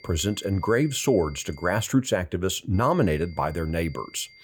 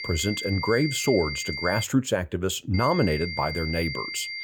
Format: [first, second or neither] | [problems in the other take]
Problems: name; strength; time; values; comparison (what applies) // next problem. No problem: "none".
first | high-pitched whine; loud; until 2 s and from 2.5 s on; 2 kHz, 6 dB below the speech; faint in the first